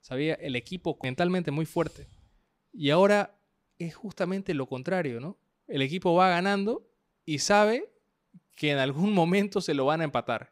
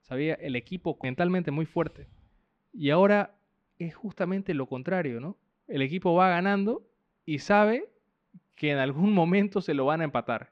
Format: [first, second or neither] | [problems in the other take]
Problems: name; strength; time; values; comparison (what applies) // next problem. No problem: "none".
first | muffled; slightly; fading above 2.5 kHz